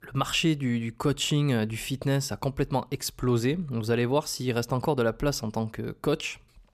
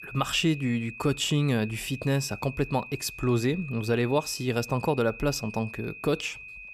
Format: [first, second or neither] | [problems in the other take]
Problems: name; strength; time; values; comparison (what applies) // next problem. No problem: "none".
first | high-pitched whine; noticeable; throughout; 2.5 kHz, 15 dB below the speech